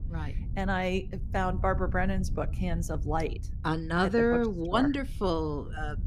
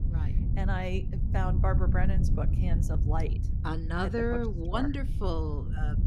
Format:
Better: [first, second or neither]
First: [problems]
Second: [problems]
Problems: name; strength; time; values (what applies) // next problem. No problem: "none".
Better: first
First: wind noise on the microphone; occasional gusts; 20 dB below the speech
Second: wind noise on the microphone; heavy; 9 dB below the speech